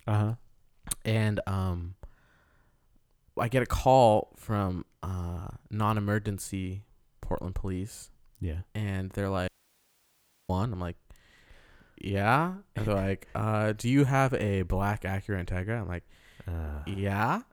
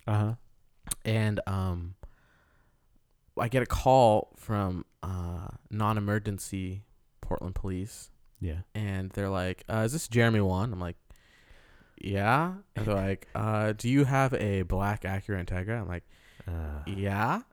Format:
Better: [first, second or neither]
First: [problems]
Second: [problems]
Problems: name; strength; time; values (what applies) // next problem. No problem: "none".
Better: second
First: audio cutting out; at 9.5 s for 1 s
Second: none